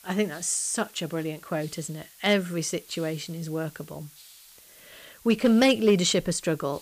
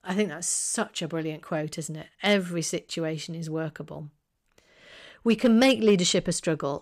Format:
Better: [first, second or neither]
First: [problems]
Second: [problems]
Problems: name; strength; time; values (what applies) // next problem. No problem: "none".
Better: second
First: hiss; faint; throughout; 25 dB below the speech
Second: none